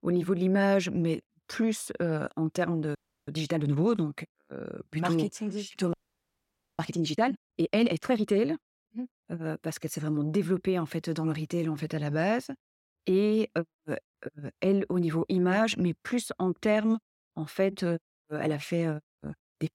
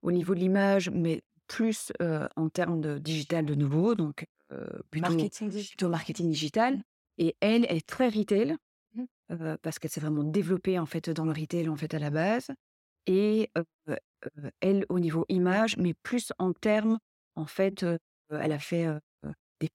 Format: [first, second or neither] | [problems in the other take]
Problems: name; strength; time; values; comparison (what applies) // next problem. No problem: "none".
second | audio freezing; at 3 s and at 6 s for 1 s